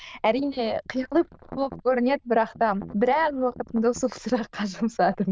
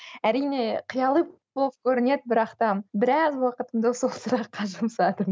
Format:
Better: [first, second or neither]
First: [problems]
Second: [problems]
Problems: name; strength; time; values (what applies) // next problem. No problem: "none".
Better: second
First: noise reduction (neural diffusion model UNIVERSE++)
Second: none